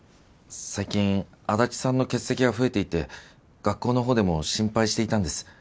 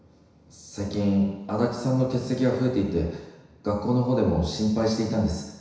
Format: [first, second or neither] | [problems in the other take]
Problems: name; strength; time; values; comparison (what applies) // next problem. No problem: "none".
first | room echo; dies away in 1 s